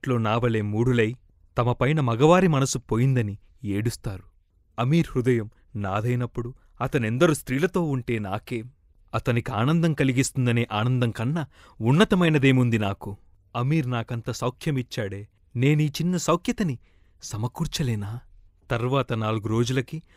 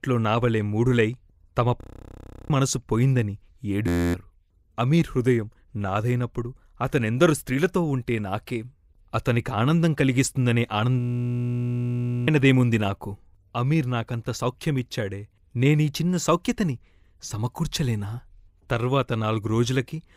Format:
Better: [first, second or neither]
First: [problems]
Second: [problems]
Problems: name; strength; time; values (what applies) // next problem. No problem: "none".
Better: first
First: none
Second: audio freezing; at 2 s for 0.5 s, at 4 s and at 11 s for 1.5 s